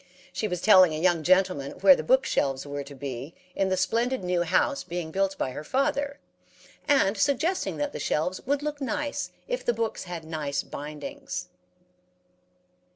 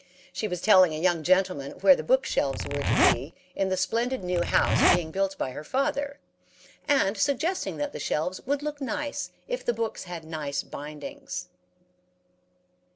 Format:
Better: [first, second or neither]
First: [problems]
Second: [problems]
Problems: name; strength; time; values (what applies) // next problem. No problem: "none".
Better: first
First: none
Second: background sound (Zipper (clothing)); 1 dB above the speech